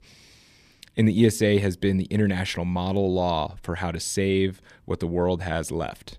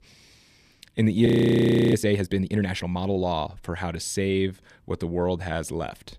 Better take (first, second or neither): first